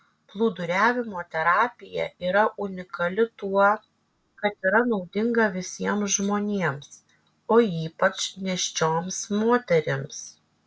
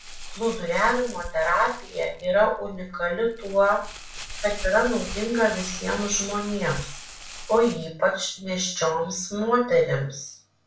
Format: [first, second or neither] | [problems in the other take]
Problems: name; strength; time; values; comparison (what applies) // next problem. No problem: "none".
first | background sound (Crumpling, crinkling); 13 dB below the speech // room echo; dies away in 0.3 s